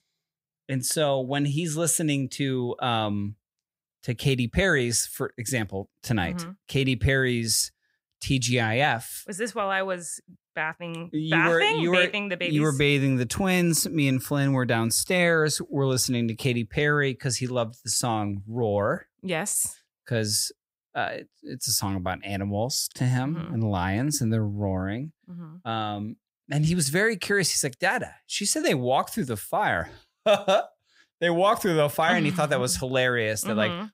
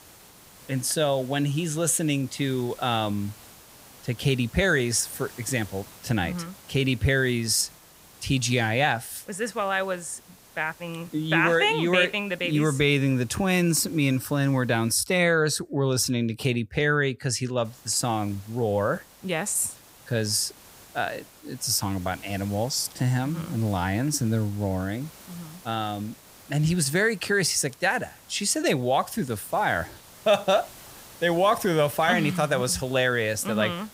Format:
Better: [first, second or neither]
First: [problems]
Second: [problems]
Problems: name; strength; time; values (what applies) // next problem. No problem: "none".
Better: first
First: none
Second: hiss; faint; until 15 s and from 18 s on; 20 dB below the speech